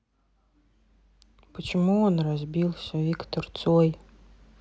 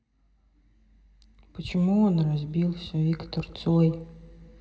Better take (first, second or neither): first